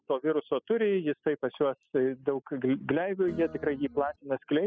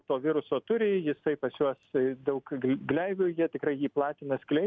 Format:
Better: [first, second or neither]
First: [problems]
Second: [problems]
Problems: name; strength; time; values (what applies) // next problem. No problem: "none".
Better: second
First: noise reduction (classical method spectral subtraction)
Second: none